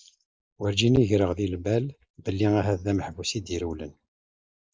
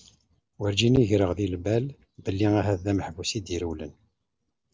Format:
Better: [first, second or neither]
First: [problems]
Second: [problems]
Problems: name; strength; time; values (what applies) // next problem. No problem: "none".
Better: second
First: noise reduction (neural mask model Resemble Enhance denoiser)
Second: none